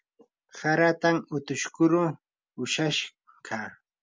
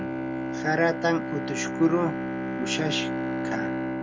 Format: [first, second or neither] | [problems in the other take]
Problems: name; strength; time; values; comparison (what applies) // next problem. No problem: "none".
first | background sound (Bowed string instrument); 1 dB below the speech